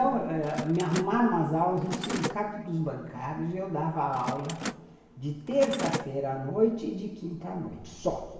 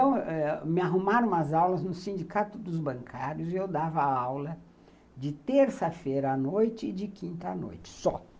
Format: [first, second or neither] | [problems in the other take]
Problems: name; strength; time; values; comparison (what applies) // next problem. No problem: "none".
second | background sound (Mechanisms); 9 dB below the speech // room echo; dies away in 1 s